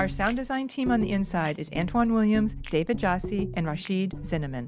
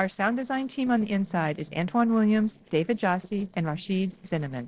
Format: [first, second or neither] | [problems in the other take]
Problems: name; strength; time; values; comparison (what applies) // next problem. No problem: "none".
first | noise reduction (neural separator model SepFormer DNS4)